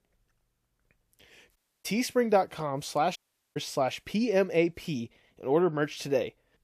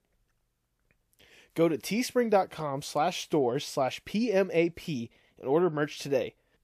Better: second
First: audio cutting out; at 1.5 s and at 3 s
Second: none

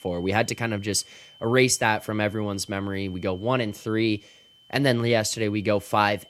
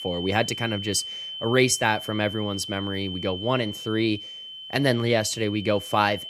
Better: first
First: high-pitched whine; faint; throughout; 3 kHz, 25 dB below the speech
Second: high-pitched whine; loud; throughout; 3 kHz, 9 dB below the speech

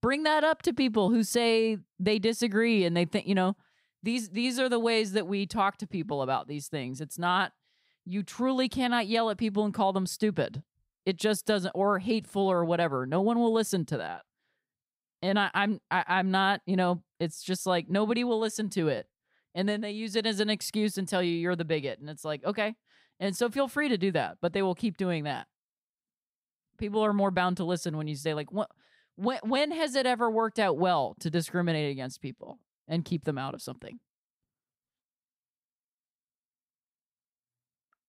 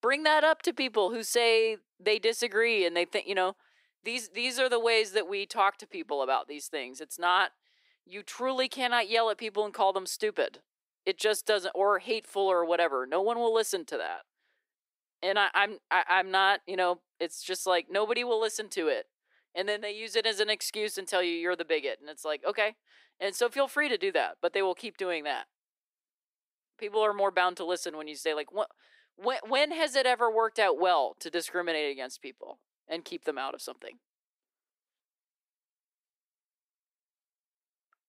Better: first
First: none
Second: thin; very; fading below 350 Hz

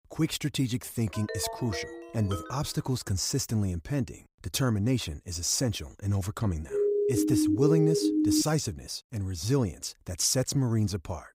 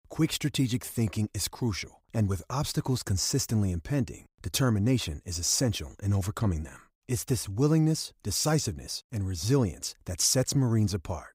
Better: second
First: phone ringing; noticeable; from 1 to 2.5 s; peak 8 dB below the speech // siren; loud; from 6.5 to 8.5 s; peak 4 dB above the speech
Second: none

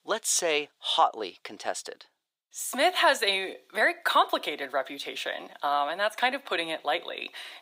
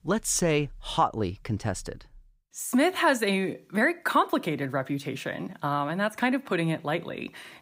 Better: second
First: thin; very; fading below 450 Hz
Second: none

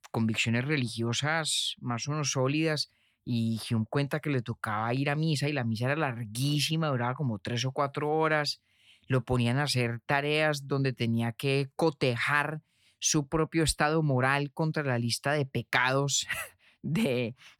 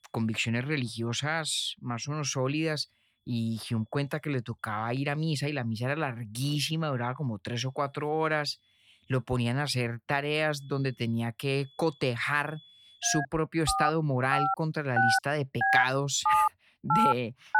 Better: first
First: none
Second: alarms or sirens; very loud; throughout; 2 dB above the speech

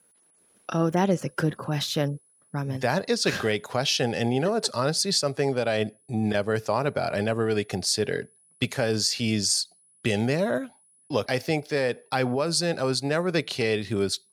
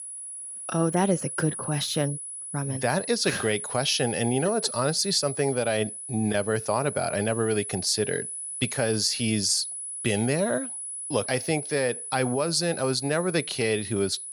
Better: first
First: high-pitched whine; faint; throughout; 10 kHz, 35 dB below the speech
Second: high-pitched whine; loud; throughout; 10 kHz, 7 dB below the speech

